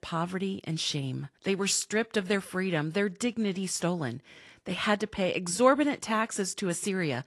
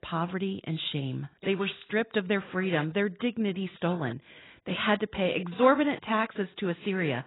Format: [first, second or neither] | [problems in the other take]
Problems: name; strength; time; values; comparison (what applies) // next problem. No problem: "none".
first | garbled, watery; badly; nothing above 4 kHz; slightly in the first